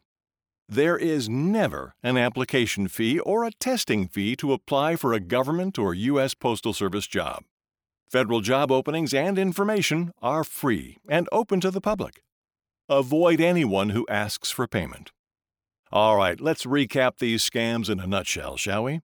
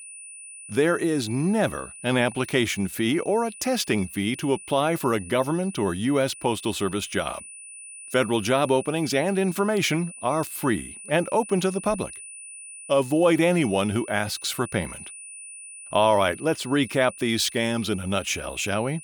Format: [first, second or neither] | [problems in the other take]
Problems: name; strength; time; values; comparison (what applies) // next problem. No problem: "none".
first | high-pitched whine; noticeable; throughout; 9.5 kHz, 15 dB below the speech